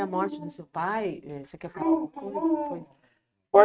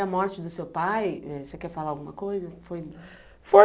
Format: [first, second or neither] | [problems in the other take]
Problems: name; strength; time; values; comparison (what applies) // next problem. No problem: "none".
second | noise reduction (neural mask model RNNoise)